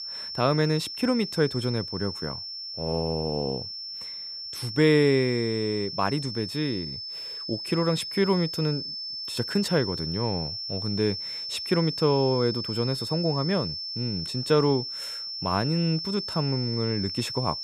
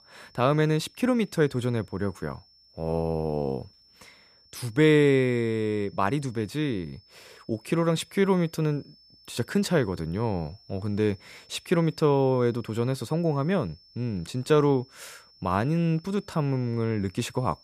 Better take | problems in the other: second | high-pitched whine; loud; throughout; 5.5 kHz, 5 dB below the speech; faint in the second

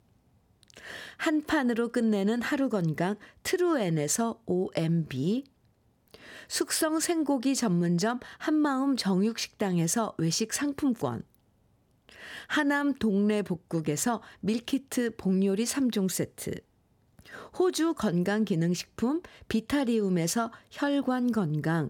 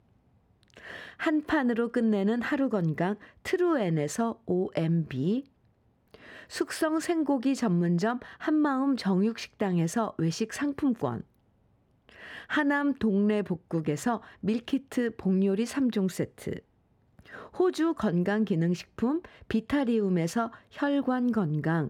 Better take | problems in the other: first | muffled; slightly; fading above 4 kHz

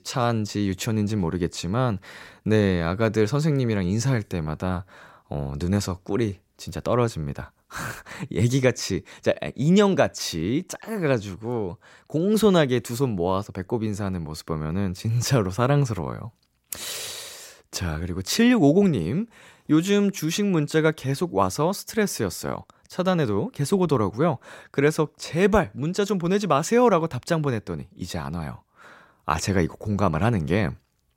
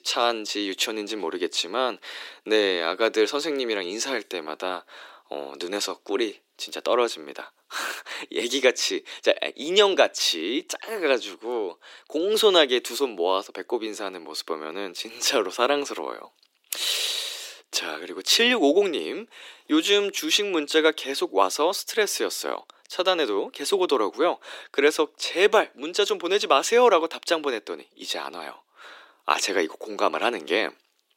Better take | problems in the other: first | thin; very; fading below 300 Hz

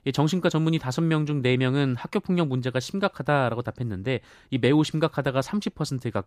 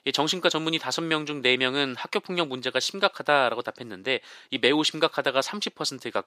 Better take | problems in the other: first | thin; somewhat; fading below 400 Hz

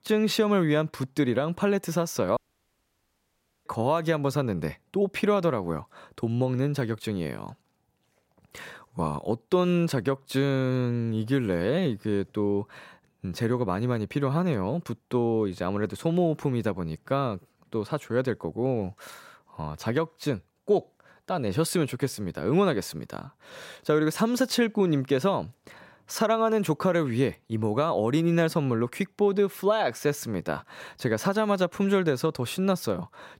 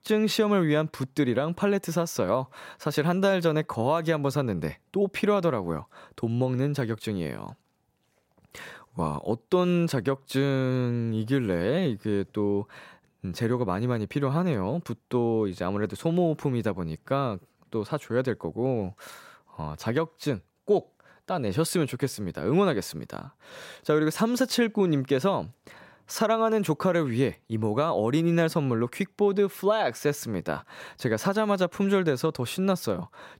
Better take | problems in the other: second | audio cutting out; at 2.5 s for 1.5 s

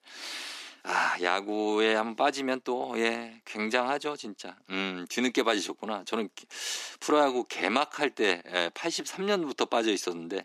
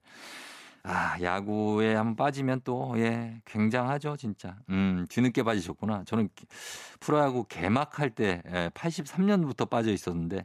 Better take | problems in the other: second | thin; somewhat; fading below 300 Hz

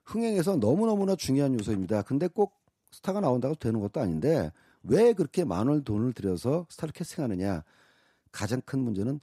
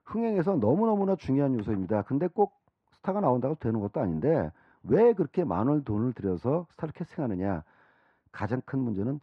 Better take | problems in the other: first | muffled; very; fading above 1.5 kHz

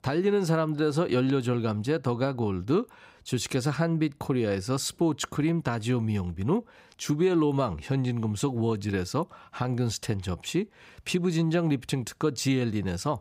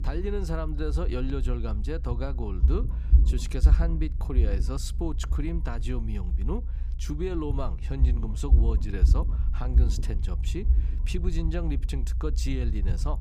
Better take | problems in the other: first | low rumble; loud; throughout; 9 dB below the speech

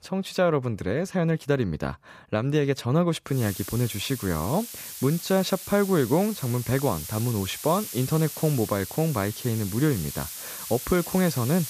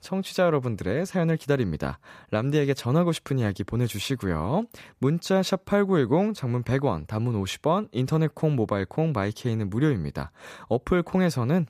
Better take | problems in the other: second | hiss; loud; from 3.5 s on; 9 dB below the speech

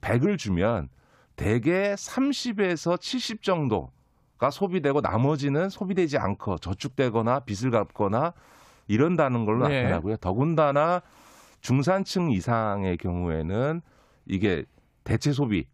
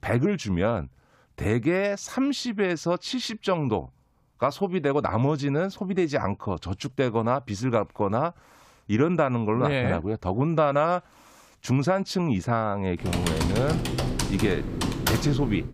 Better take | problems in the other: first | keyboard typing; noticeable; from 13 s on; peak level with the speech

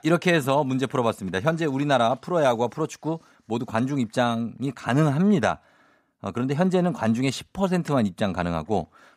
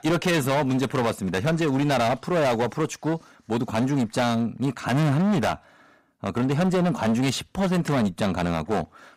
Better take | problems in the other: first | distortion; heavy; 24% of the sound clipped

